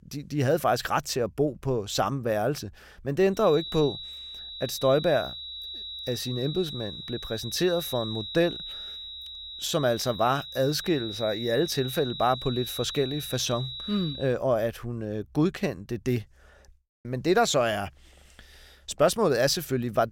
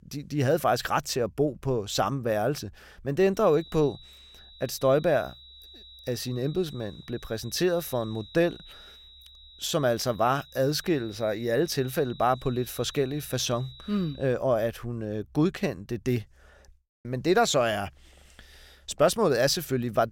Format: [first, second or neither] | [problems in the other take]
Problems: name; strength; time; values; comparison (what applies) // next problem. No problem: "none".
second | high-pitched whine; loud; from 3.5 to 14 s; 4 kHz, 9 dB below the speech; faint in the second